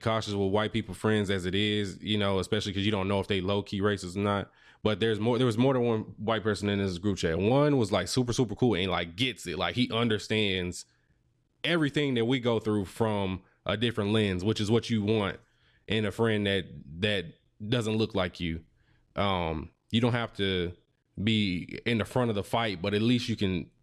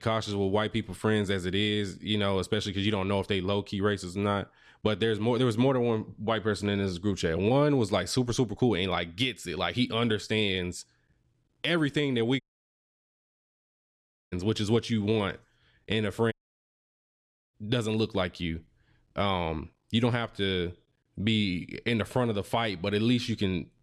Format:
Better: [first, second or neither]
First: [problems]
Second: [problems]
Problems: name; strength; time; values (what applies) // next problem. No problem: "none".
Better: first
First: none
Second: audio cutting out; at 12 s for 2 s and at 16 s for 1 s